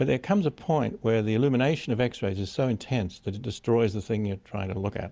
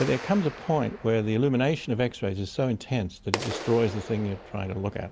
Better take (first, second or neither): first